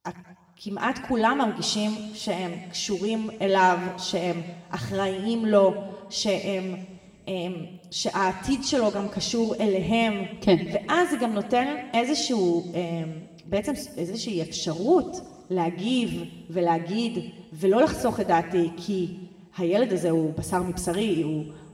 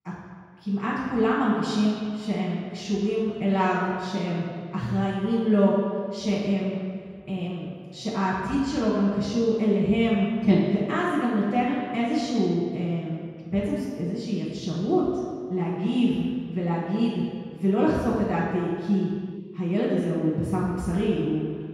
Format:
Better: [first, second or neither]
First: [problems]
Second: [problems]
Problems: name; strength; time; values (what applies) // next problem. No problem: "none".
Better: first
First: room echo; slight; dies away in 1.3 s // off-mic speech; somewhat distant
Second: room echo; strong; dies away in 2 s // off-mic speech; far